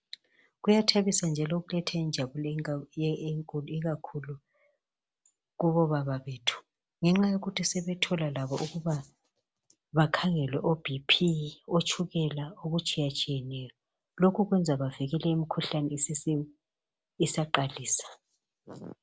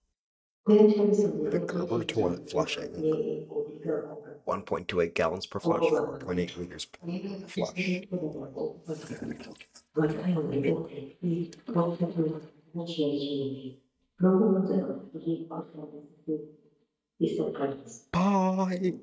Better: first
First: none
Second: noise reduction (neural mask model DeepFilterNet 3)

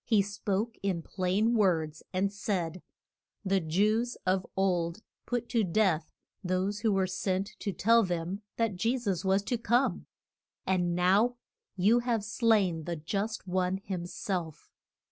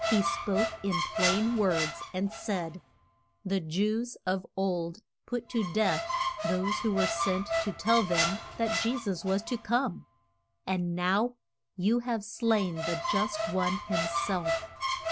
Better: first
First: none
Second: background sound (Squeak); 4 dB below the speech

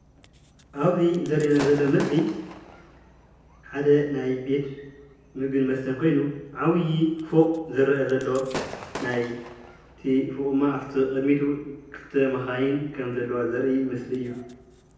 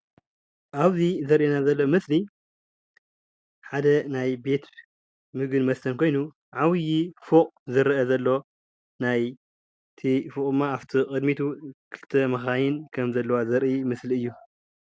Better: second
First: background sound (Gunshot, gunfire / Fireworks); 17 dB below the speech // room echo; dies away in 0.9 s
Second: none

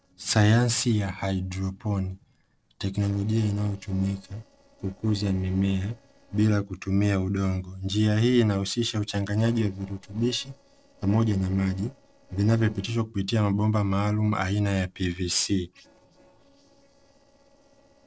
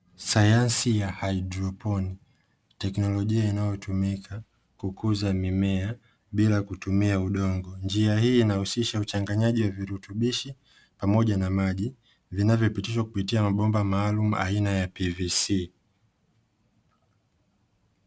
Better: second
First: noise reduction (neural separator model SepFormer DNS4)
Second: none

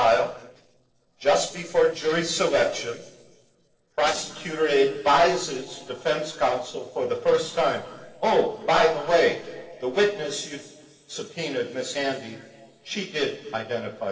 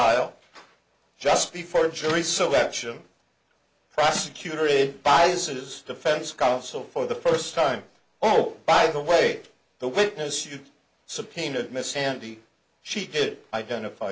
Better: second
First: noise reduction (neural separator model SepFormer DNS4)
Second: none

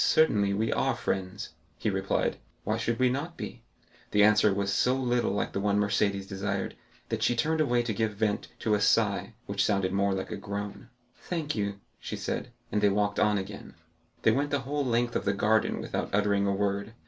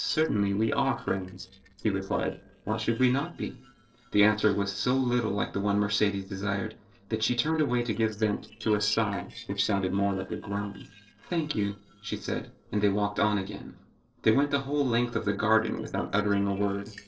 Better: first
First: none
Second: noise reduction (neural separator model SepFormer DNS4)

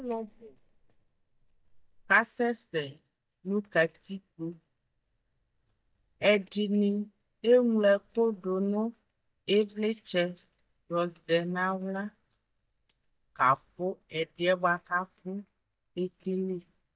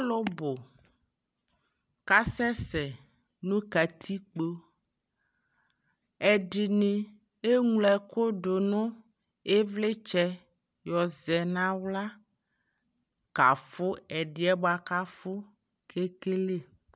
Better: second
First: noise reduction (neural mask model DeepFilterNet 3)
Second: none

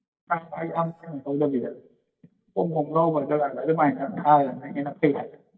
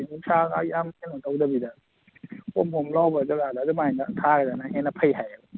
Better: second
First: noise reduction (neural mask model DeepFilterNet 3)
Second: none

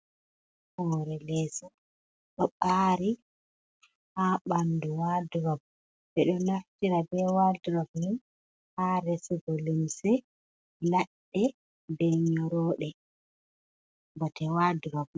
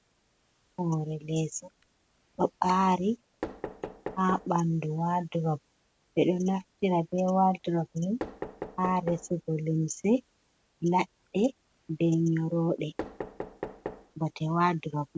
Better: first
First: none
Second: background sound (Knock); 16 dB below the speech

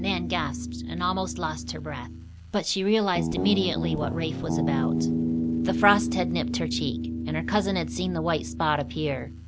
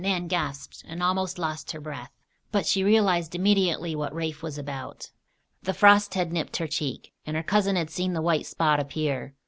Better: second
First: background sound (Guitar); 2 dB below the speech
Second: none

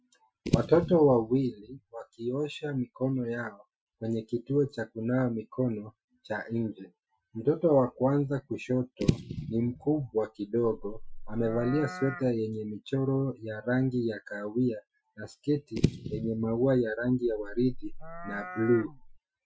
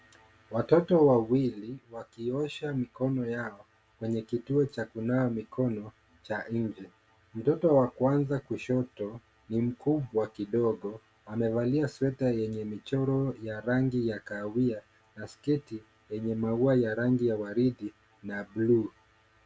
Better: second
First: noise reduction (classical method Wiener filter)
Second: none

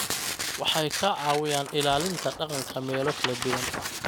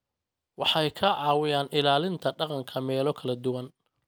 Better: second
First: background sound (Tearing); 4 dB below the speech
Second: none

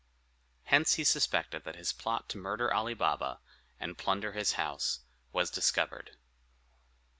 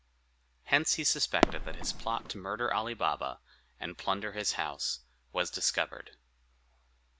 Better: first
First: none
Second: background sound (Fireworks); 4 dB above the speech

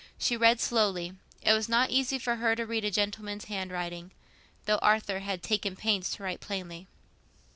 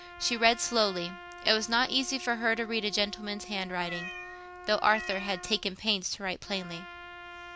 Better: first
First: none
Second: background sound (Trumpet + Meow); 14 dB below the speech

